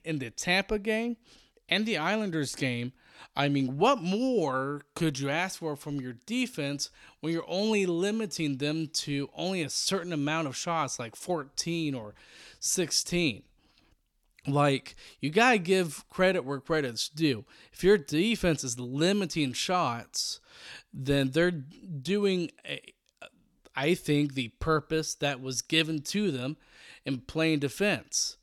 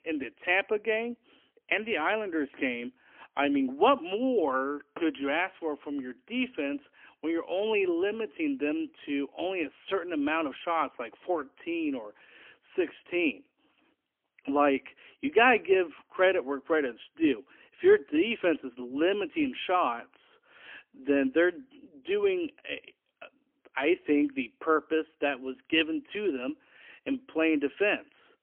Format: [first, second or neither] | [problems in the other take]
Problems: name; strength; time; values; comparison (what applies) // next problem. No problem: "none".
first | phone-call audio; poor line; nothing above 3 kHz